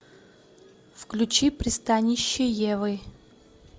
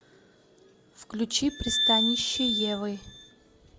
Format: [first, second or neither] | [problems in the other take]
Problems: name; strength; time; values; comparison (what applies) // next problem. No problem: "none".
first | background sound (Glass); 2 dB above the speech